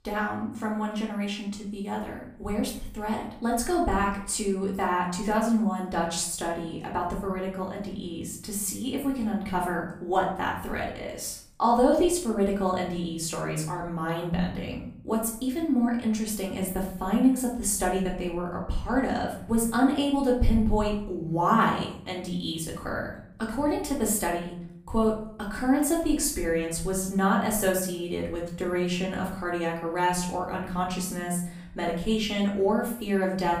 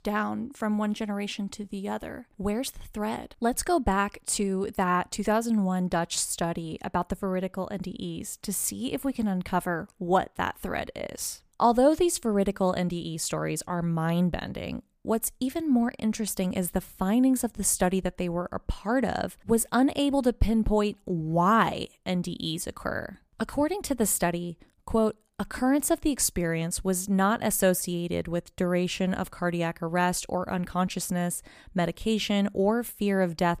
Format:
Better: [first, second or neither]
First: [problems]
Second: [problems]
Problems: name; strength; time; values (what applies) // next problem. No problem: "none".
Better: second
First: off-mic speech; far // room echo; slight; dies away in 0.6 s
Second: none